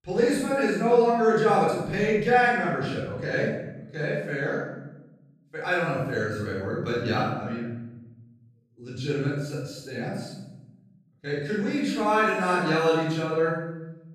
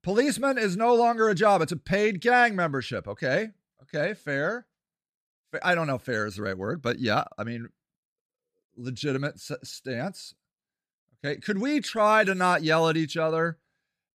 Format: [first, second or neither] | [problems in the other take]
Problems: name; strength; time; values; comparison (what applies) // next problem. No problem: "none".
second | off-mic speech; far // room echo; strong; dies away in 1.1 s